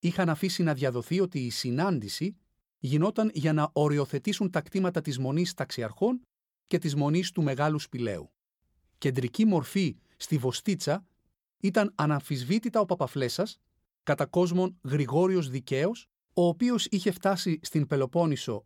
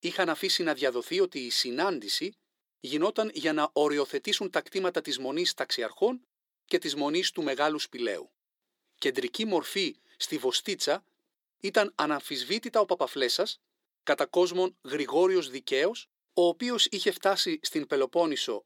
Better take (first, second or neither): first